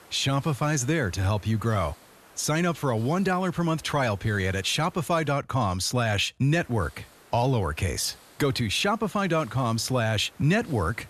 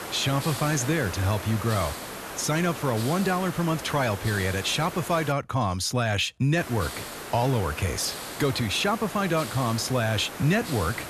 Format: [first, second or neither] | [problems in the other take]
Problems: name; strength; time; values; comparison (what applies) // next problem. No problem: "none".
first | hiss; loud; until 5.5 s and from 6.5 s on; 9 dB below the speech; faint in the first